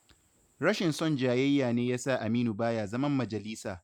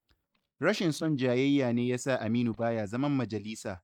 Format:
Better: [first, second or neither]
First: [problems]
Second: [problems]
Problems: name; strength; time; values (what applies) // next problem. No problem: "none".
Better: first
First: none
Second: noise reduction (neural mask model DeepFilterNet 3)